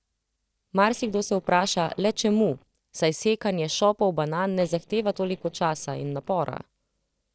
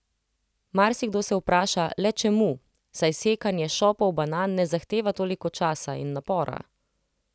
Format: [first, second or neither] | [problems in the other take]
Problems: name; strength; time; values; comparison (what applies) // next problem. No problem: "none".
second | noise reduction (neural separator model SepFormer DNS4)